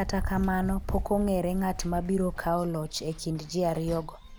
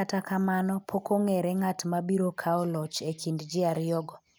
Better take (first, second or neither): second